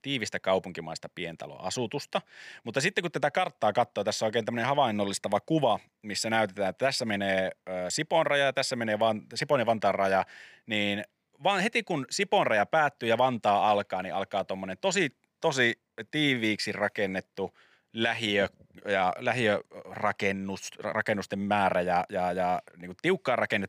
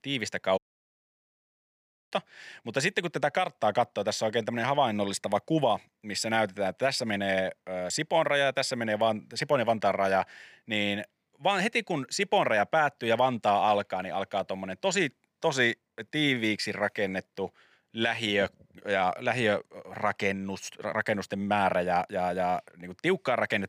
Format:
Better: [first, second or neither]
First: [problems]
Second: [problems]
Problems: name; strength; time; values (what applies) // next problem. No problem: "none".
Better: first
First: none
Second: audio cutting out; at 0.5 s for 1.5 s